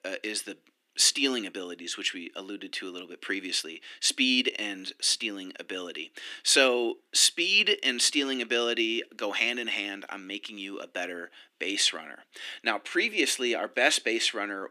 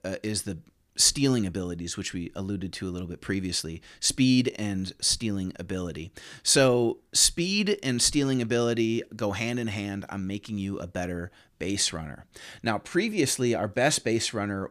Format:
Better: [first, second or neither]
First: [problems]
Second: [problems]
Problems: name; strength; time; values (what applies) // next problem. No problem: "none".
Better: second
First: thin; somewhat; fading below 250 Hz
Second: none